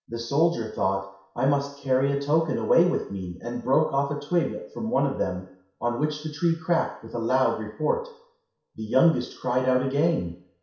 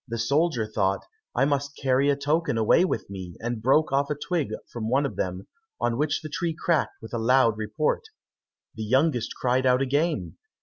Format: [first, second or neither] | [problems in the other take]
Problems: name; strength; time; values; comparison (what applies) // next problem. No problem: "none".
second | room echo; dies away in 0.6 s